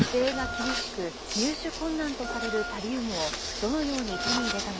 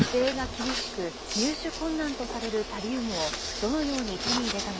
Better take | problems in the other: second | background sound (Wind instrument, woodwind instrument); 8 dB below the speech

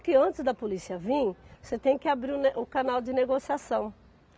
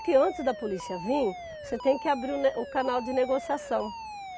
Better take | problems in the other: first | background sound (Alarm); 12 dB below the speech

